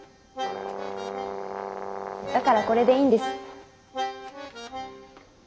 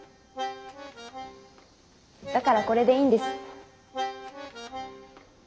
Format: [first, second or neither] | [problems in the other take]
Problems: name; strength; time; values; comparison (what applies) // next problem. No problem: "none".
second | background sound (Brass instrument); 7 dB below the speech